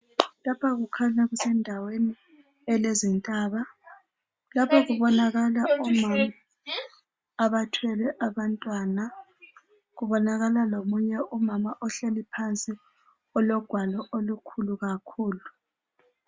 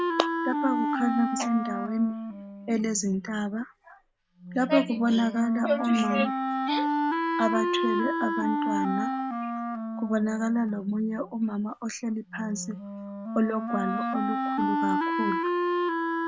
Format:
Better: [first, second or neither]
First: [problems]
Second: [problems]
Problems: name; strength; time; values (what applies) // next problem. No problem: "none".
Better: first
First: none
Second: background sound (Wind instrument, woodwind instrument); 1 dB below the speech